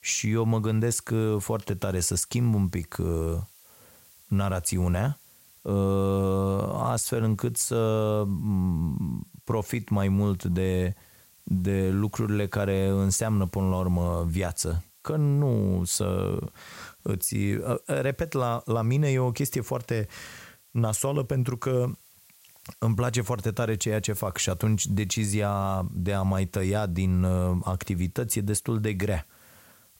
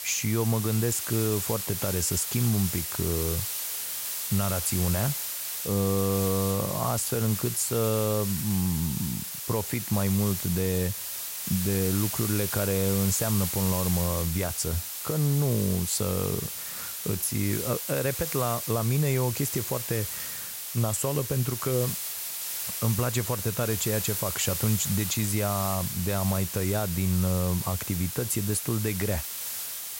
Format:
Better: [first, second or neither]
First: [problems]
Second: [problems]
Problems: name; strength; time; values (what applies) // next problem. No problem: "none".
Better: first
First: hiss; faint; throughout; 25 dB below the speech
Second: hiss; loud; throughout; 3 dB below the speech